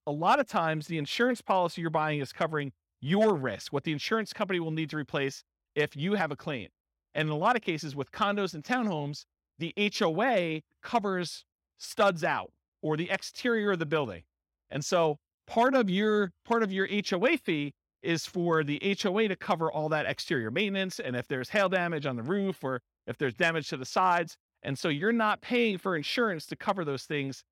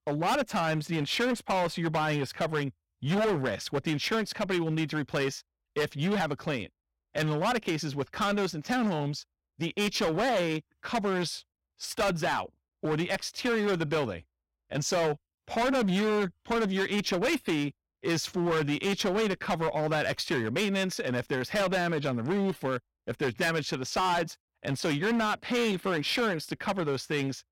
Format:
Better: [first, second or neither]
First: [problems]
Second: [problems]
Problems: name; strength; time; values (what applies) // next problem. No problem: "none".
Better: first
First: none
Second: distortion; heavy; 16% of the sound clipped